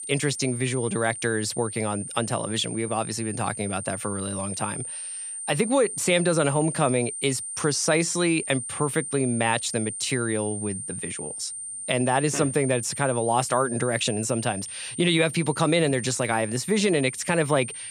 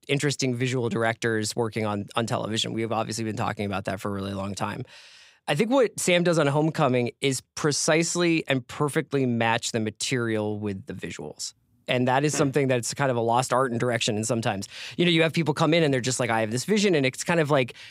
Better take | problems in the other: second | high-pitched whine; loud; throughout; 9 kHz, 7 dB below the speech

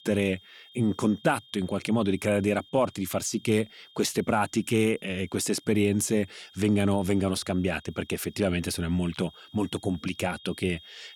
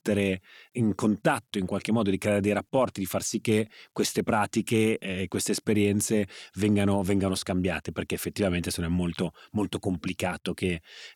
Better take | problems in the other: second | high-pitched whine; faint; throughout; 3.5 kHz, 25 dB below the speech

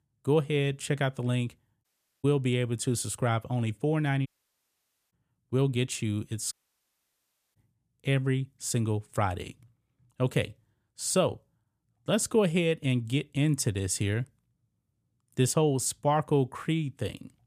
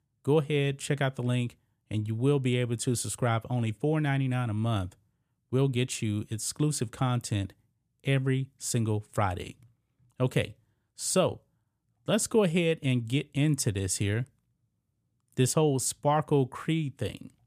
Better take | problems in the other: second | audio cutting out; at 2 s, at 4.5 s for 1 s and at 6.5 s for 1 s

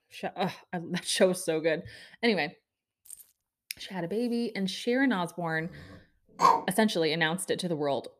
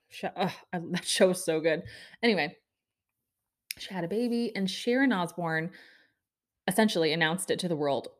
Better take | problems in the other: second | jangling keys; faint; at 3 s; peak 20 dB below the speech // dog barking; loud; at 6.5 s; peak 5 dB above the speech

